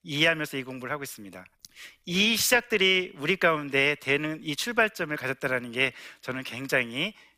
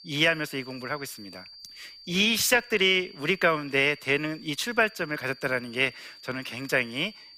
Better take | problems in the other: first | high-pitched whine; faint; throughout; 4.5 kHz, 20 dB below the speech

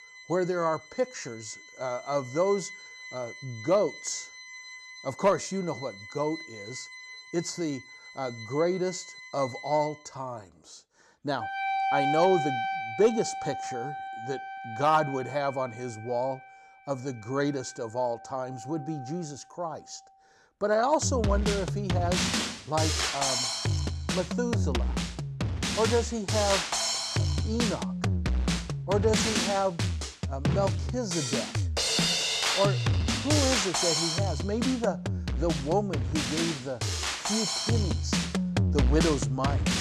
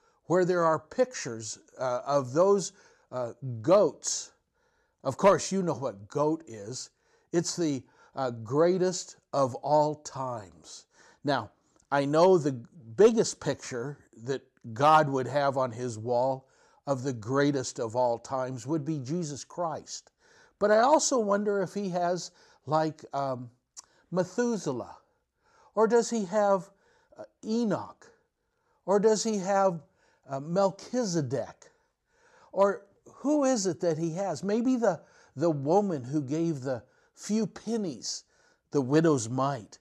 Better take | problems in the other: second | background music; very loud; throughout; 2 dB above the speech

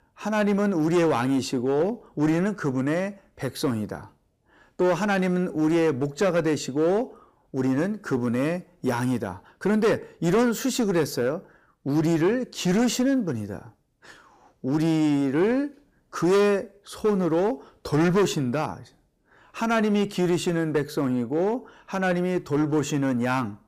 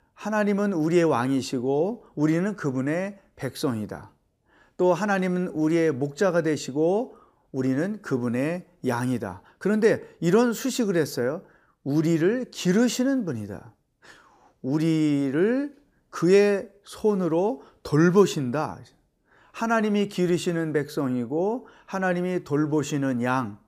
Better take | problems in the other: second | distortion; slight; 7% of the sound clipped

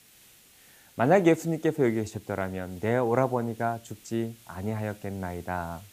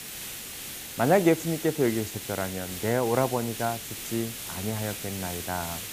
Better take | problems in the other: first | hiss; loud; throughout; 7 dB below the speech; faint in the first

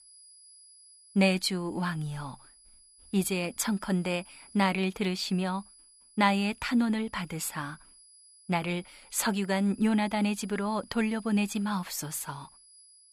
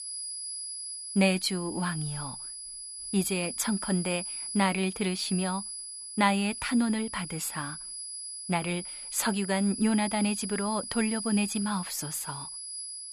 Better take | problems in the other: first | high-pitched whine; loud; throughout; 10 kHz, 6 dB below the speech; faint in the first

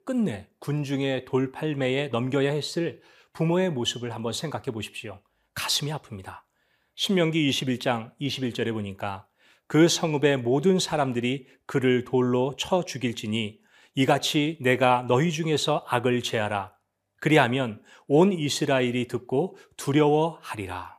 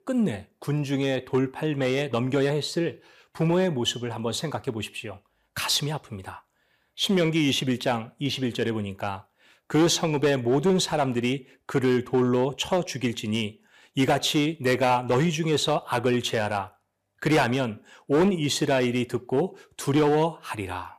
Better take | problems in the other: first | distortion; slight; 3% of the sound clipped

